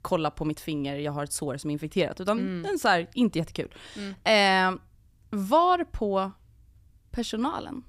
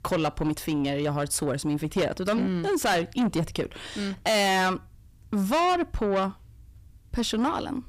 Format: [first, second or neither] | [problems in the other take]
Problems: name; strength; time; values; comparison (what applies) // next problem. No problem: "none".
first | distortion; heavy; 6 dB below the speech